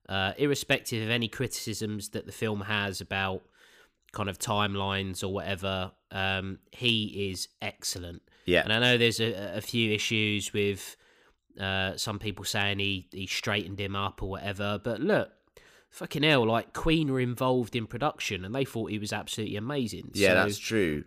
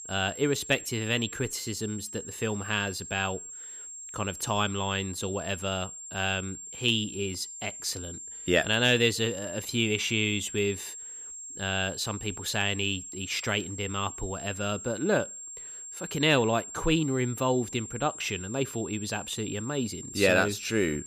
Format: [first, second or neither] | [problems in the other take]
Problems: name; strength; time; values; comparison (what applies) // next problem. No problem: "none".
first | high-pitched whine; noticeable; throughout; 7.5 kHz, 10 dB below the speech